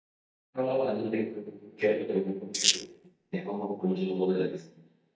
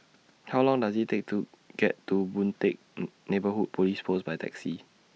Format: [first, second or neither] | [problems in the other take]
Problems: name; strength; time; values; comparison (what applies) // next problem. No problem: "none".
second | noise reduction (neural mask model DeepFilterNet 3)